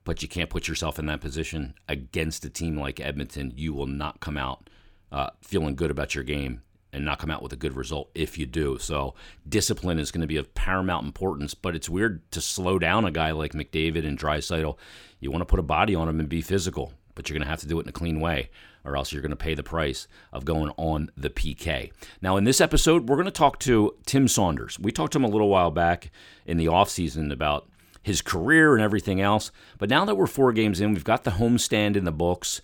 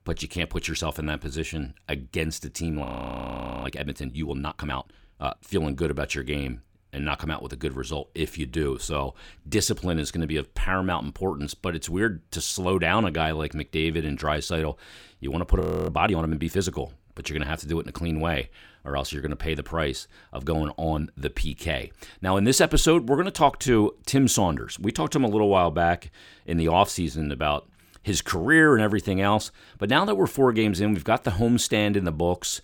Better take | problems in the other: first | audio freezing; at 3 s for 1 s and at 16 s

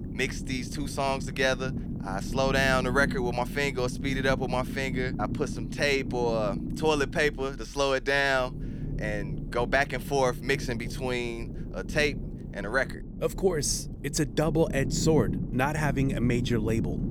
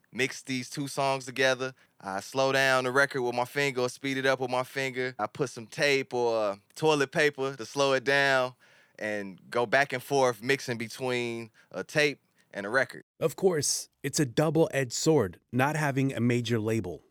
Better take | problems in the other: second | low rumble; noticeable; throughout; 15 dB below the speech

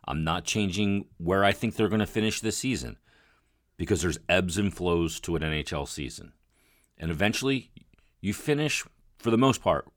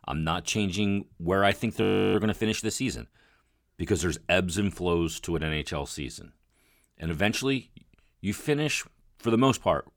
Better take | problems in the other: first | audio freezing; at 2 s

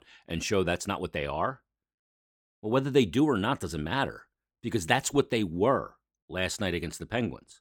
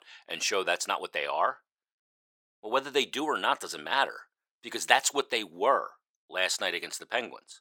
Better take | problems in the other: first | thin; very; fading below 750 Hz

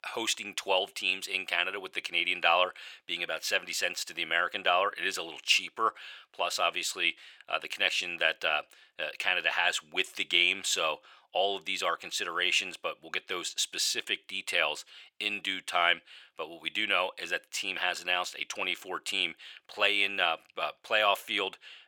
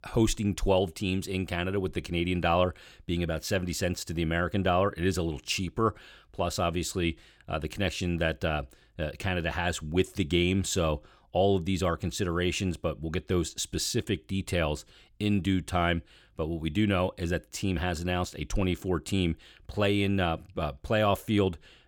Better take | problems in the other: second | thin; very; fading below 800 Hz

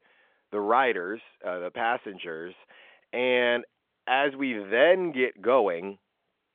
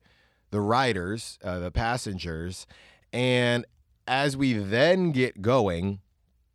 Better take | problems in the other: second | phone-call audio; nothing above 3.5 kHz

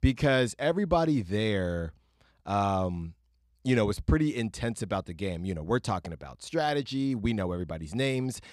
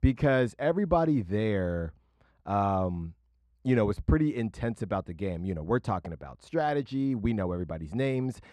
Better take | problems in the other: first | muffled; slightly; fading above 2.5 kHz

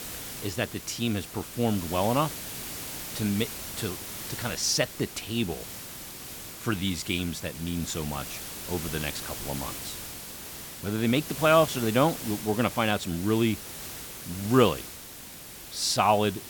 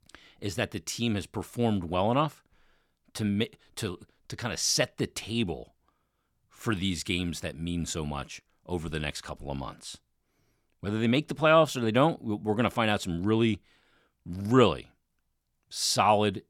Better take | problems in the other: second | hiss; loud; throughout; 9 dB below the speech

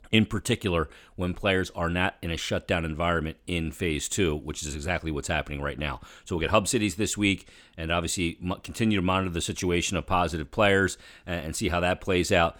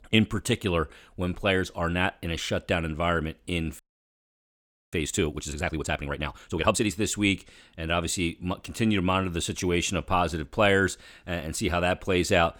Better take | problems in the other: first | audio freezing; at 4 s for 1 s

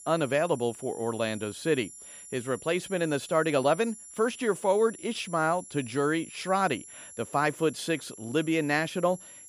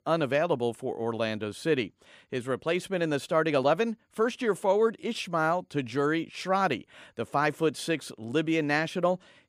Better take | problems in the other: second | high-pitched whine; noticeable; throughout; 11 kHz, 15 dB below the speech

